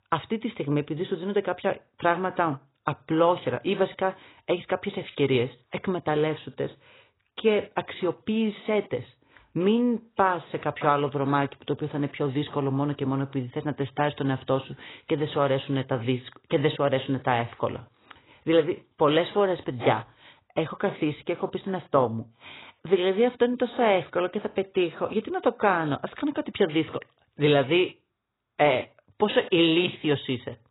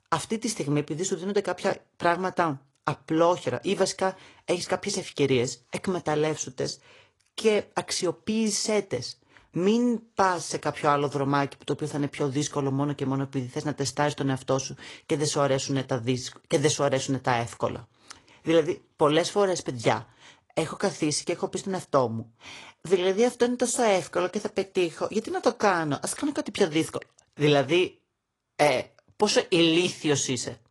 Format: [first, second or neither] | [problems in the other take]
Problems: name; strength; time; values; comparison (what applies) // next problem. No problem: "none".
second | garbled, watery; badly; nothing above 4 kHz; slightly in the second